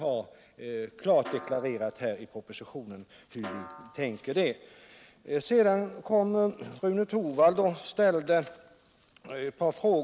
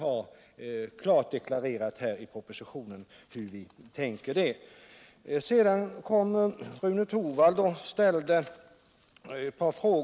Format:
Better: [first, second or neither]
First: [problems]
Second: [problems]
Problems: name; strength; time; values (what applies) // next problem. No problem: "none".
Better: second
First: background sound (Snare drum); 18 dB below the speech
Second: none